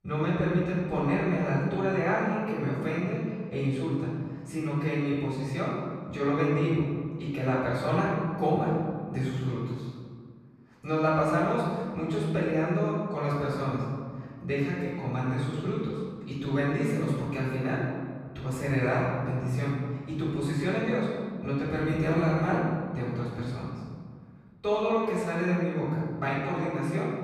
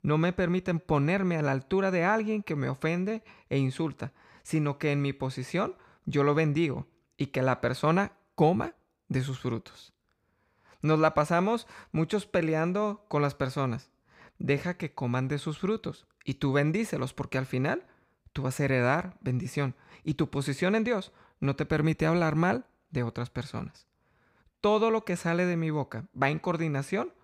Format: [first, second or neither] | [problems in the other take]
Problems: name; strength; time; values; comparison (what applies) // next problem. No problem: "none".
second | off-mic speech; far // room echo; strong; dies away in 1.8 s